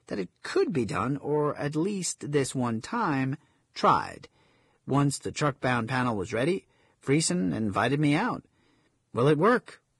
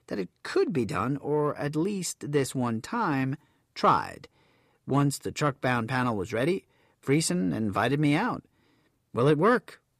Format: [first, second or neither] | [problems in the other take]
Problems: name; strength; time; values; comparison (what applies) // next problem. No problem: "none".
second | garbled, watery; badly